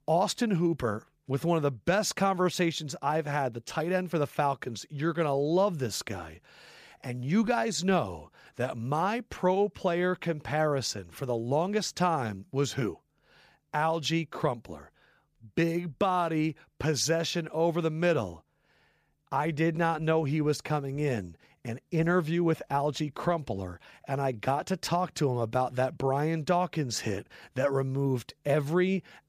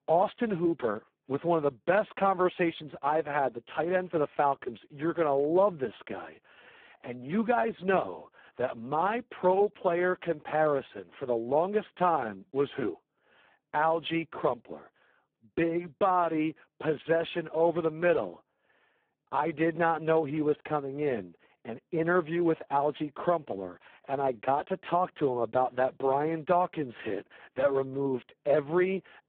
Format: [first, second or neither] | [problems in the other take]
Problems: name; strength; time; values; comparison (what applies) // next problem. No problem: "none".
first | phone-call audio; poor line